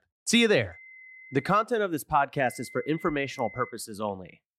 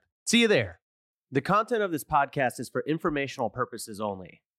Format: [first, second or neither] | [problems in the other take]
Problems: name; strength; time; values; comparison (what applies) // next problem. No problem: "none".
second | high-pitched whine; noticeable; at 0.5 s and from 2.5 to 3.5 s; 2 kHz, 20 dB below the speech